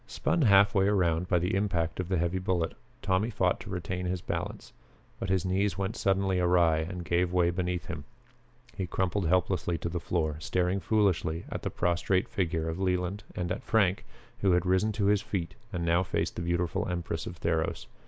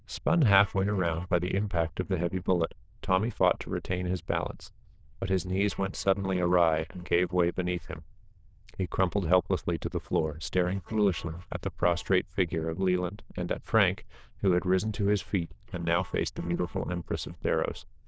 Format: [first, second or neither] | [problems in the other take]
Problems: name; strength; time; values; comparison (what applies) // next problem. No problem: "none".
first | noise reduction (neural diffusion model UNIVERSE++)